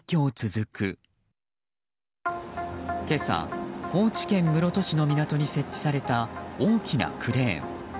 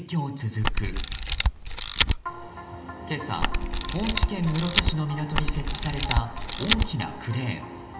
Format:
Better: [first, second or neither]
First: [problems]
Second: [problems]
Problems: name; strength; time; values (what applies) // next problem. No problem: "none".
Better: first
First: none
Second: background sound (Camera); 4 dB above the speech // room echo; dies away in 0.9 s